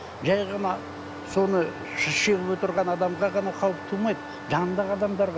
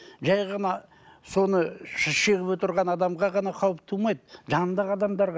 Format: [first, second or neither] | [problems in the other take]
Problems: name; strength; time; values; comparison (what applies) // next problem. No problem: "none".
second | background sound (Wind instrument, woodwind instrument + Stream); 11 dB below the speech